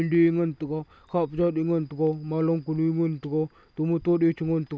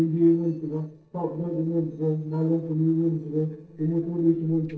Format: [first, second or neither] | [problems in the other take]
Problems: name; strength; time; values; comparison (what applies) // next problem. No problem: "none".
first | noise reduction (neural separator model SepFormer DNS4)